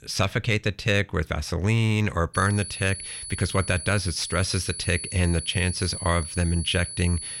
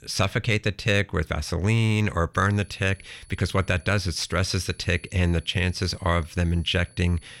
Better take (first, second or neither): second